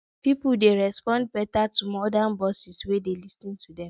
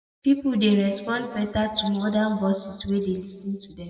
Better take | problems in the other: first | room echo; dies away in 1.7 s

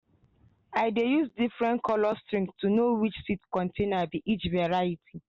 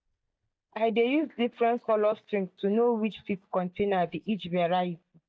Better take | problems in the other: first | noise reduction (neural mask model DeepFilterNet 3)

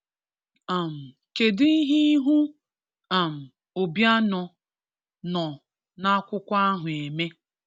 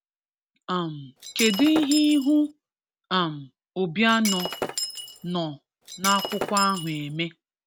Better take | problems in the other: first | background sound (Shatter); 6 dB below the speech

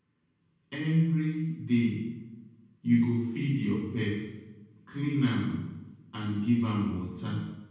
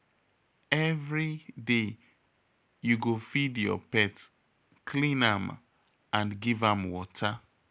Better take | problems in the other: second | room echo; dies away in 1.1 s

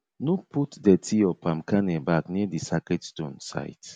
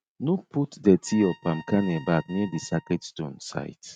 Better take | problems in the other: first | noise reduction (neural mask model RNNoise)

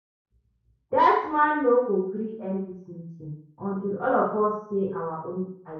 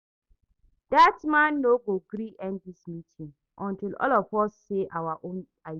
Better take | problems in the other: second | room echo; dies away in 0.6 s

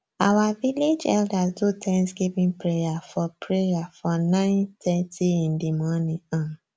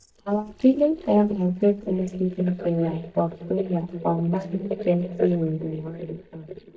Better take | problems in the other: first | noise reduction (neural mask model DeepFilterNet 3)

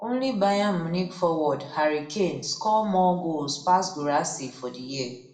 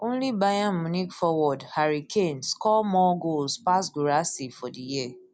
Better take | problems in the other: second | room echo; dies away in 0.6 s

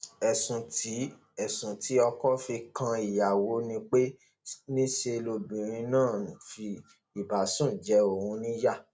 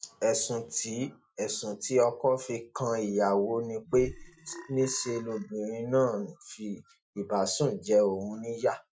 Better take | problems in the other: first | noise reduction (classical method Wiener filter)

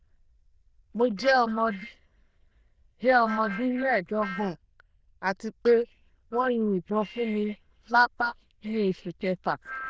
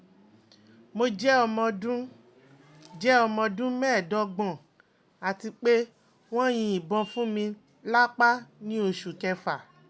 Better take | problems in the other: second | noise reduction (neural diffusion model UNIVERSE++)

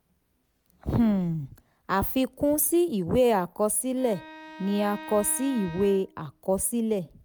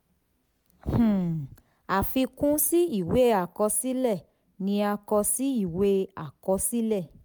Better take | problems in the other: second | background sound (Bowed string instrument); 18 dB below the speech

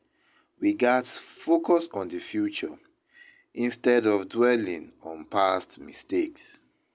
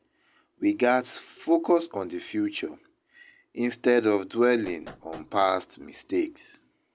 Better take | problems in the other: first | background sound (Knock); 20 dB below the speech

